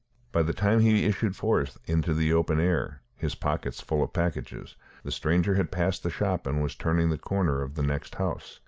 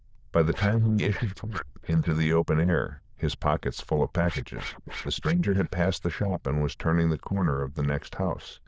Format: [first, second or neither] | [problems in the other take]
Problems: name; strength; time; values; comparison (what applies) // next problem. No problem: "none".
first | noise reduction (neural diffusion model UNIVERSE++)